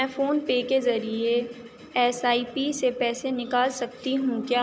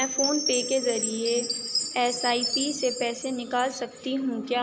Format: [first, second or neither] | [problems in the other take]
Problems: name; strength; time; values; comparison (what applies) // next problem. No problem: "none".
first | background sound (Chime); 4 dB below the speech